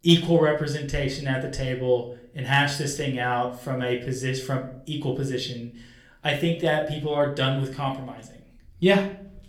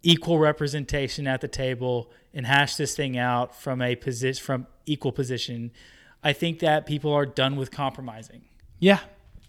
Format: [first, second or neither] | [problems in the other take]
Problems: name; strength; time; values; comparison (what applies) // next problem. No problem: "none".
second | room echo; slight; dies away in 0.4 s // off-mic speech; somewhat distant